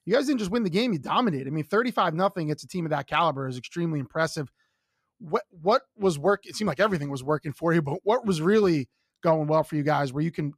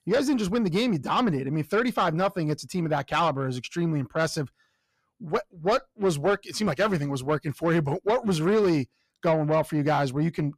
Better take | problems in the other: first | distortion; slight; 10 dB below the speech

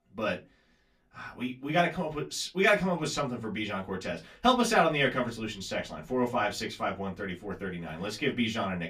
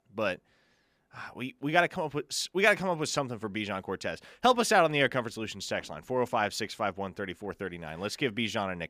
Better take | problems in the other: second | off-mic speech; far // room echo; very slight; dies away in 0.2 s

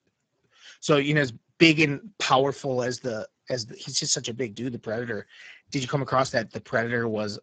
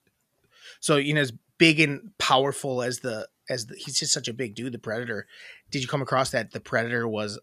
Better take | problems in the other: second | garbled, watery; badly; nothing above 7.5 kHz

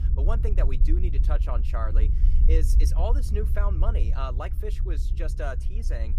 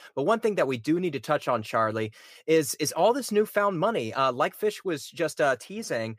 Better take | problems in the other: second | low rumble; loud; throughout; 9 dB below the speech

